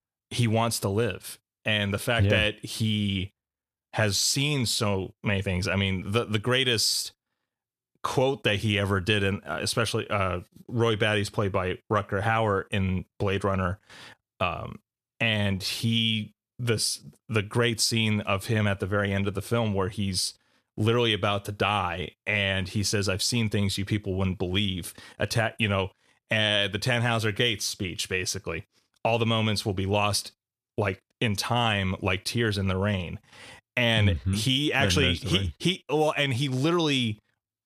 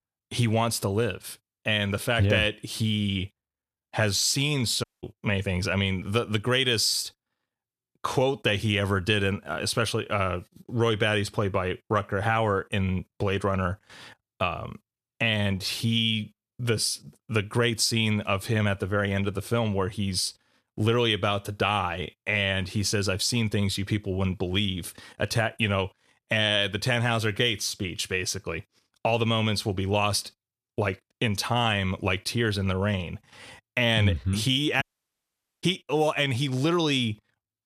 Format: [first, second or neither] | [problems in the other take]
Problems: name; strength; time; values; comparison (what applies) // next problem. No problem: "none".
first | audio cutting out; at 5 s and at 35 s for 1 s